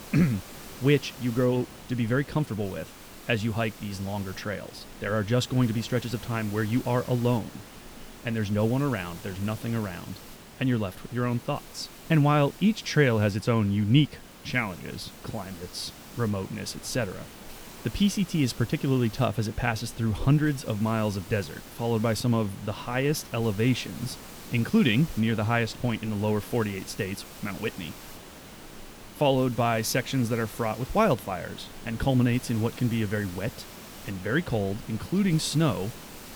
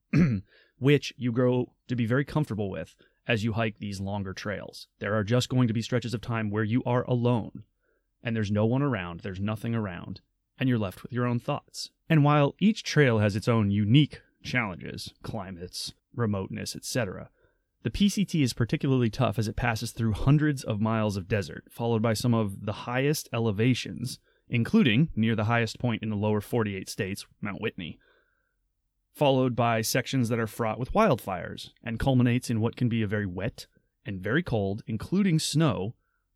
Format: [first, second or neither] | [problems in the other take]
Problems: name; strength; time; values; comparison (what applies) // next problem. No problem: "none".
second | hiss; noticeable; throughout; 15 dB below the speech